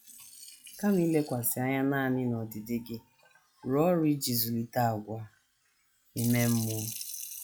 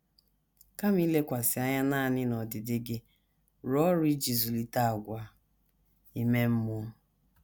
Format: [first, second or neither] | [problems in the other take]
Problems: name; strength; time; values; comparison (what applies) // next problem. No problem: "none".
second | noise reduction (classical method log-MMSE)